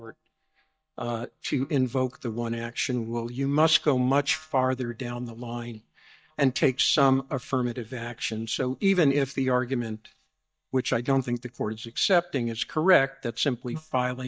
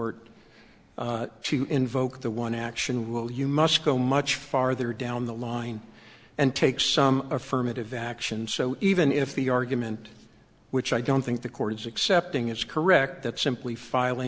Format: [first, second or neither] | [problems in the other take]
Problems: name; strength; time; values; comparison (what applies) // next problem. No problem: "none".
second | noise reduction (neural mask model DeepFilterNet 3)